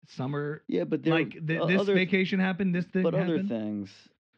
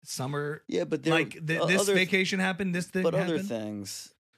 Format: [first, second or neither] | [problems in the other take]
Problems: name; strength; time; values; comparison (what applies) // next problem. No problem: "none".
second | muffled; slightly; fading above 4 kHz